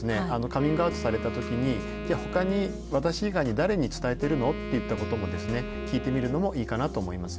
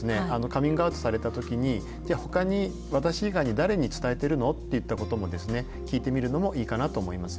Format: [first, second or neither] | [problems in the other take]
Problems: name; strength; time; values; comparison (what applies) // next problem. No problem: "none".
second | background sound (Wind instrument, woodwind instrument); 10 dB below the speech